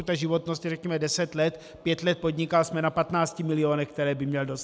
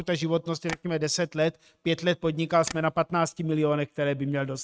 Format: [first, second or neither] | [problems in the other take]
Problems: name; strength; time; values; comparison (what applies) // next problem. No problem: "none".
first | noise reduction (neural mask model RNNoise)